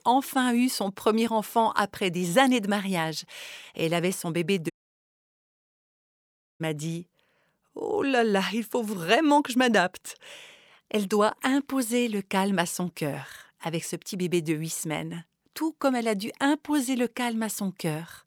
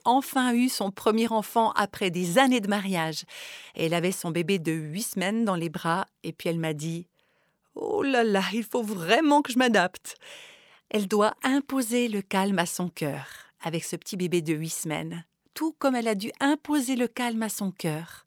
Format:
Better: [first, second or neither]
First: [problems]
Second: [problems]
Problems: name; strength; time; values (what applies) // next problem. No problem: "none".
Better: second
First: audio cutting out; at 4.5 s for 2 s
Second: none